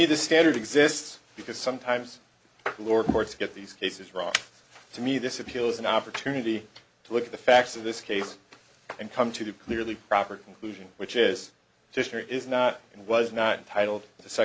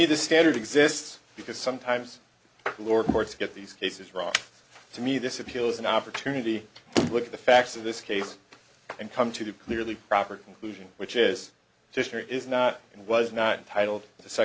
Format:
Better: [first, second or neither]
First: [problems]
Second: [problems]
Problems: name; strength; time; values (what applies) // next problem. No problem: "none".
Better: first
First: none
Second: background sound (Motor vehicle (road)); 3 dB below the speech